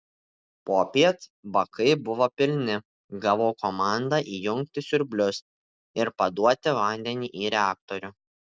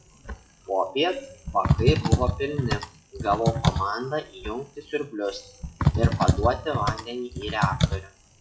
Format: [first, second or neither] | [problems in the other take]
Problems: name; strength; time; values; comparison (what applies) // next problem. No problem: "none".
first | noise reduction (classical method WPE with log-MMSE)